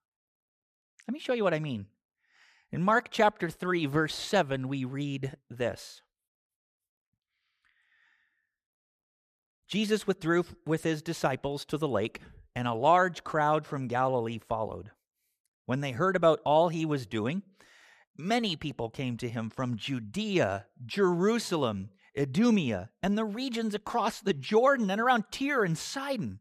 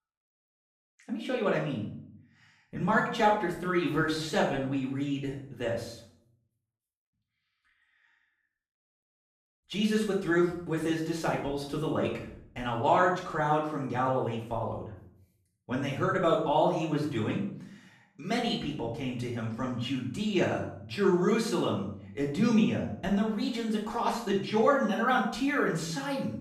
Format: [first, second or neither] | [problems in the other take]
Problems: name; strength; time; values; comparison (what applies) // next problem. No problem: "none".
first | room echo; noticeable; dies away in 0.6 s // off-mic speech; far